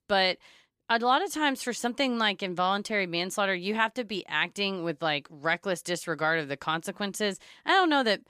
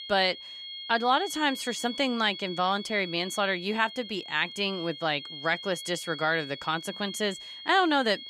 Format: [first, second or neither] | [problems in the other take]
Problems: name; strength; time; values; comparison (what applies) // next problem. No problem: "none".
first | high-pitched whine; noticeable; throughout; 3.5 kHz, 10 dB below the speech